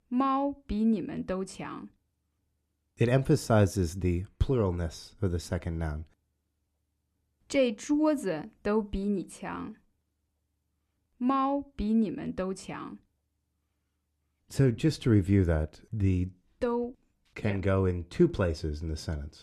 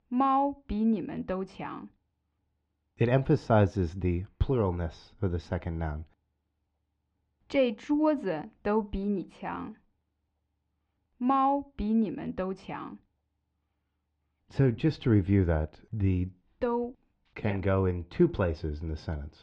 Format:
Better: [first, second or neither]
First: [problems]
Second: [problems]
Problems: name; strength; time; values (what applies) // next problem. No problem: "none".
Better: first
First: none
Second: muffled; slightly; fading above 4 kHz